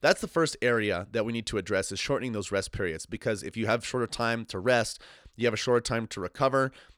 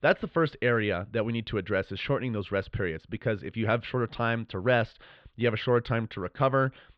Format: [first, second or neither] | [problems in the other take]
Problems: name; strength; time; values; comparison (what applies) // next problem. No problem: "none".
first | muffled; very; fading above 3.5 kHz